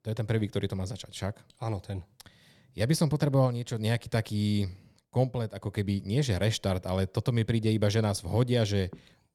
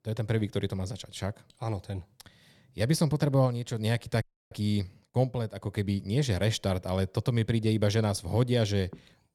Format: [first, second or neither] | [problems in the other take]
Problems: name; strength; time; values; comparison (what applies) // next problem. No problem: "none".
first | audio freezing; at 4 s